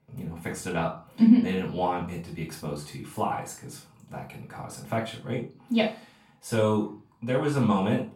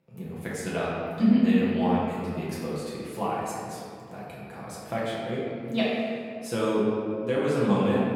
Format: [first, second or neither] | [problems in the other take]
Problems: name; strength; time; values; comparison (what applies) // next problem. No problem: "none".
first | room echo; strong; dies away in 2 s; slight in the first // off-mic speech; far; far in the first